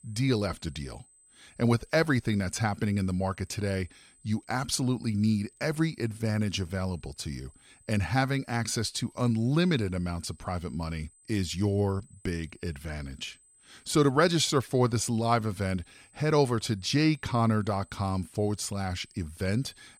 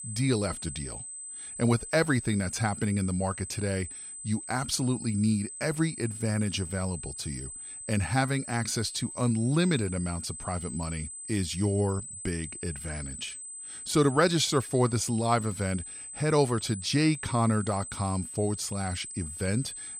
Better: first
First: high-pitched whine; faint; throughout; 8 kHz, 30 dB below the speech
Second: high-pitched whine; loud; throughout; 8 kHz, 9 dB below the speech

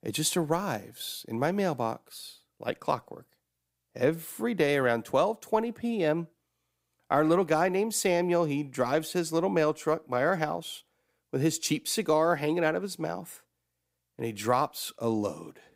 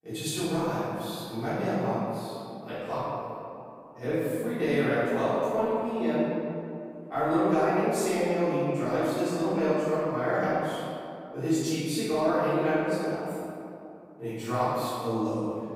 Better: first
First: none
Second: off-mic speech; far // room echo; strong; dies away in 2.5 s

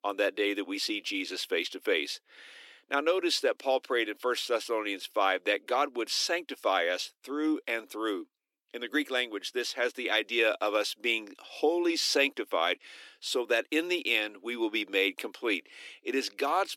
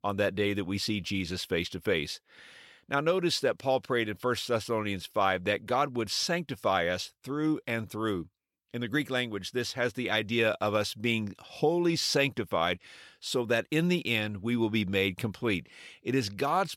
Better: second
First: thin; somewhat; fading below 300 Hz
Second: none

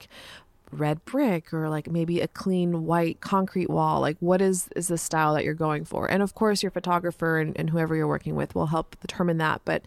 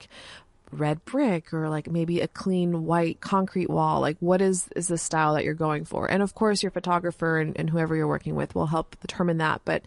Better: first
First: none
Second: garbled, watery; slightly; nothing above 10.5 kHz

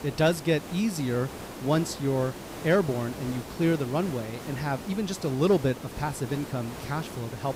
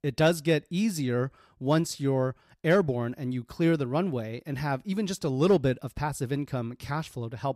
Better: second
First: hiss; noticeable; throughout; 10 dB below the speech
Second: none

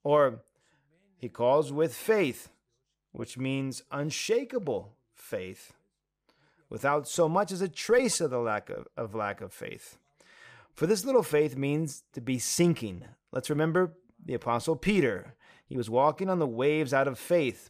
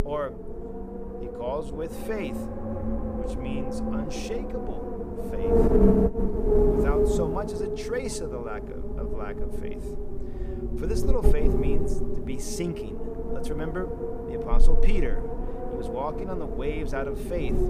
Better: first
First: none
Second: wind noise on the microphone; heavy; 3 dB above the speech

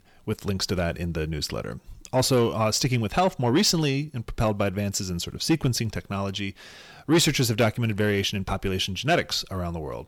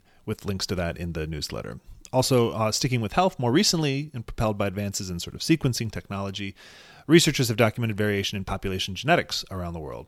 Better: second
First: distortion; slight; 10 dB below the speech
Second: none

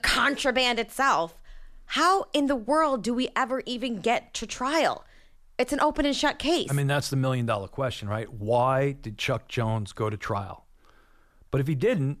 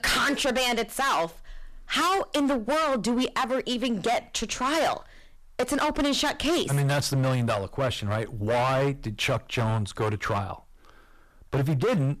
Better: first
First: none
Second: distortion; heavy; 18% of the sound clipped

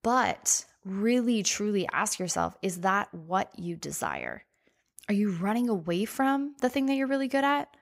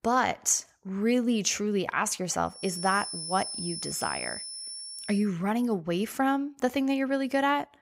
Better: first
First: none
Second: high-pitched whine; loud; from 2.5 to 5 s; 5.5 kHz, 7 dB below the speech

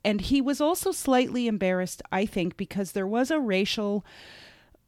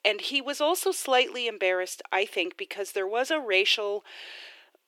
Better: first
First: none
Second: thin; very; fading below 350 Hz

